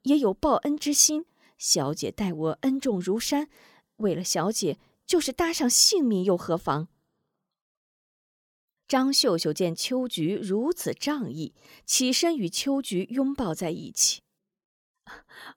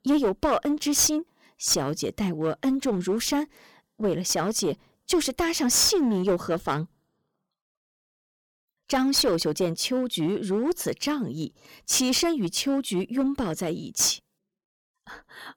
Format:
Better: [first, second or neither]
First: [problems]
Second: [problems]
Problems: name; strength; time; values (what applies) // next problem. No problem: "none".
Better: first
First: none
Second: distortion; slight; 7% of the sound clipped